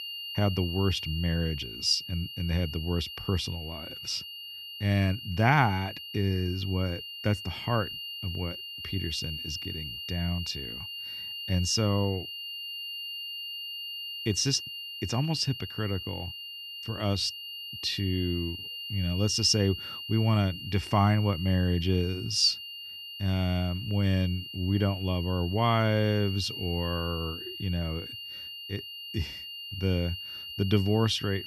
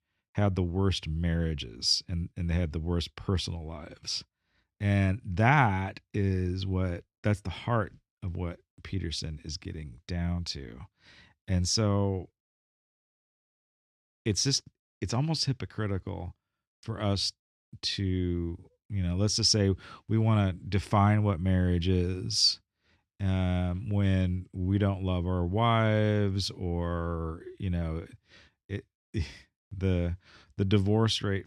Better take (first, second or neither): second